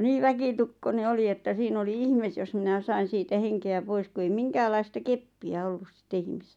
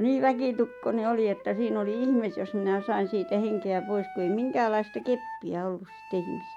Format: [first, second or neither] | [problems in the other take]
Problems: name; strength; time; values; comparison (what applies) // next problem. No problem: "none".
first | background sound (Wind instrument, woodwind instrument); 15 dB below the speech